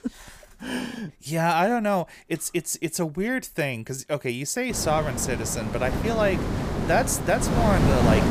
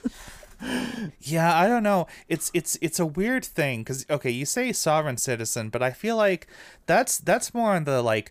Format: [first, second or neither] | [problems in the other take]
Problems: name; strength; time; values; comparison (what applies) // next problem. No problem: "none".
second | wind noise on the microphone; heavy; from 4.5 s on; 4 dB below the speech